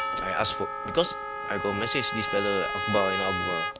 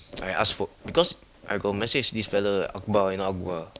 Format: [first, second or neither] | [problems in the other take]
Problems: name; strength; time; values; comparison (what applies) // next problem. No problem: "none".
second | background sound (Percussion + Trumpet); 1 dB below the speech